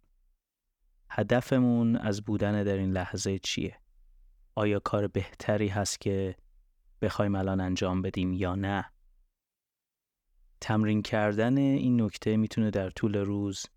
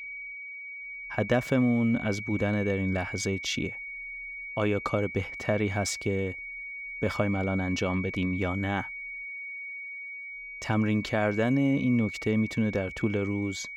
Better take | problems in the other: first | high-pitched whine; loud; throughout; 2 kHz, 8 dB below the speech

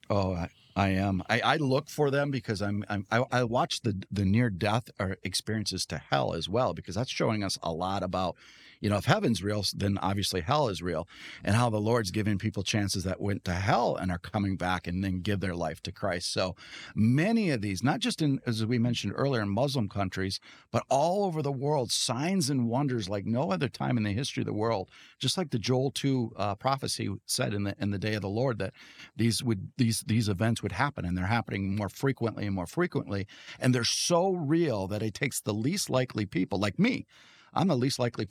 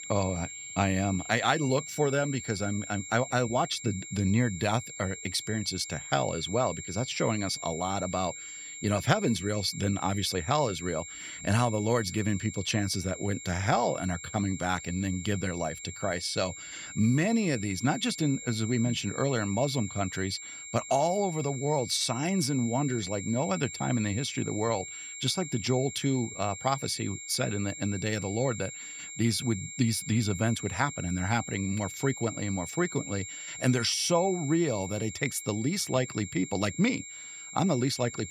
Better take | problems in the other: first | high-pitched whine; loud; throughout; 7.5 kHz, 10 dB below the speech

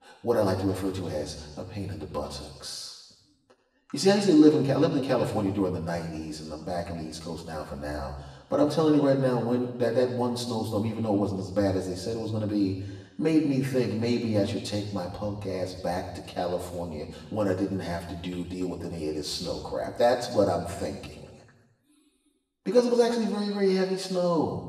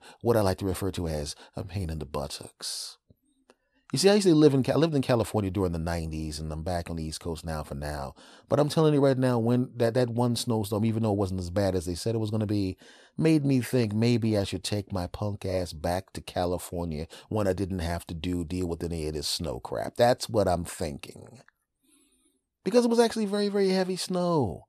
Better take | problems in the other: second | room echo; noticeable; dies away in 1 s // off-mic speech; far

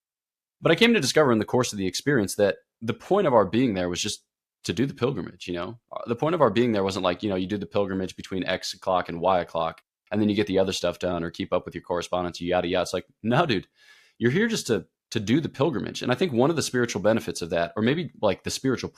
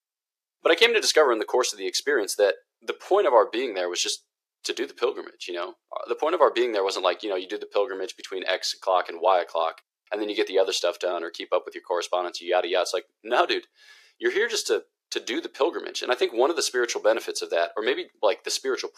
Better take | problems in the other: first | thin; very; fading below 350 Hz

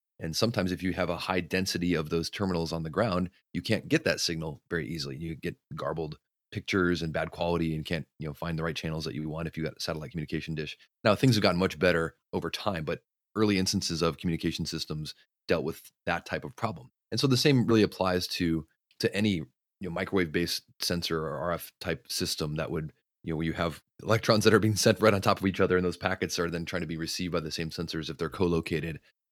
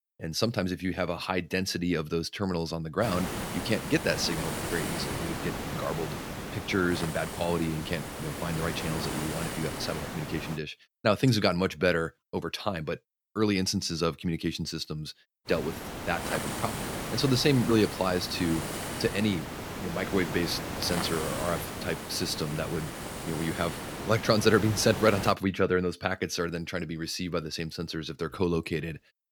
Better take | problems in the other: first | hiss; loud; from 3 to 11 s and from 15 to 25 s; 6 dB below the speech

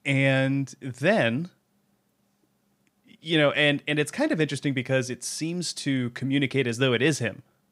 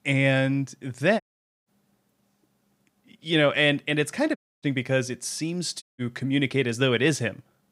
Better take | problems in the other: first | audio cutting out; at 1 s, at 4.5 s and at 6 s

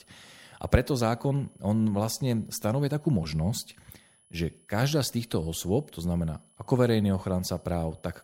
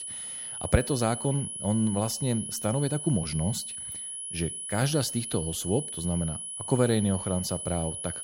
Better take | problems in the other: first | high-pitched whine; loud; throughout; 10.5 kHz, 5 dB below the speech; faint in the first

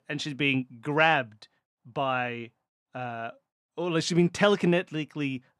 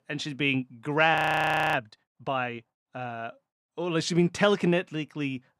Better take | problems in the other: first | audio freezing; at 1 s for 0.5 s

